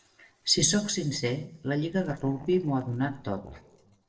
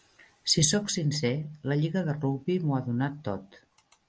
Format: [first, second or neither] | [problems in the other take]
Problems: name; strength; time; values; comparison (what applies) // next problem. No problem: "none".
second | noise reduction (neural separator model SepFormer DNS4)